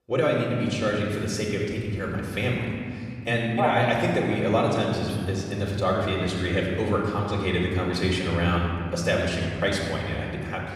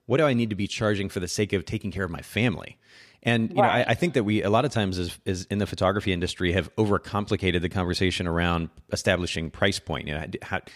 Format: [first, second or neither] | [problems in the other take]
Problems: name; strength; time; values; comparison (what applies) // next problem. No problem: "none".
second | off-mic speech; far // room echo; noticeable; dies away in 2.3 s